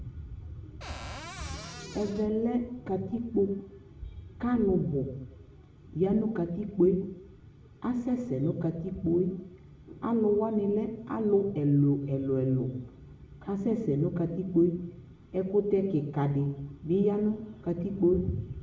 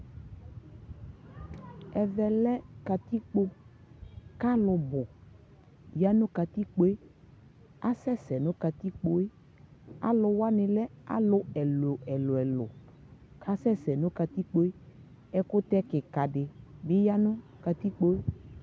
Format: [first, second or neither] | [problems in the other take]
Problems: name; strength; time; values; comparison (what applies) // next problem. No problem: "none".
second | background sound (Cupboard open or close); 15 dB below the speech // room echo; dies away in 0.7 s